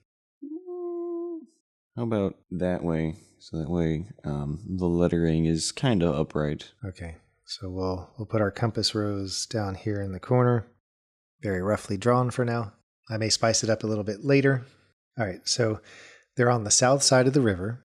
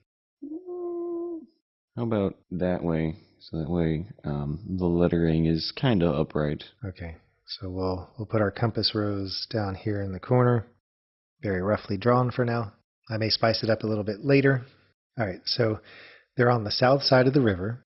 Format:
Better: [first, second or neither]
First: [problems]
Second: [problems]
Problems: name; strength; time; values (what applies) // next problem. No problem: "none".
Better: first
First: none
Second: garbled, watery; badly; nothing above 5.5 kHz